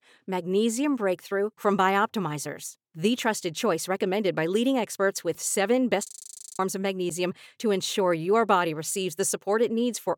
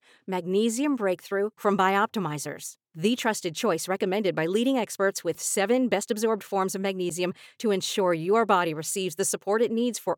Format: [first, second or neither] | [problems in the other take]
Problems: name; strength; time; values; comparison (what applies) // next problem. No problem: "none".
second | audio freezing; at 6 s for 0.5 s